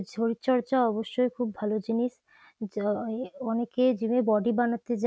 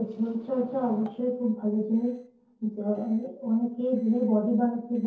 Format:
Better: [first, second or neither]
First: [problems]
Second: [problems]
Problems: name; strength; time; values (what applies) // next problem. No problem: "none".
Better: first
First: none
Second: noise reduction (neural separator model SepFormer DNS4)